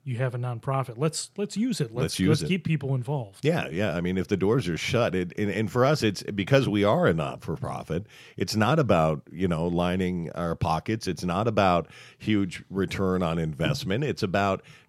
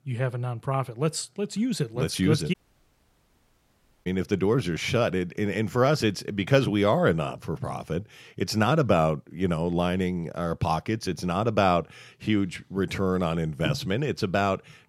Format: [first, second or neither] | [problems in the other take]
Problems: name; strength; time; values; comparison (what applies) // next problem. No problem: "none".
first | audio cutting out; at 2.5 s for 1.5 s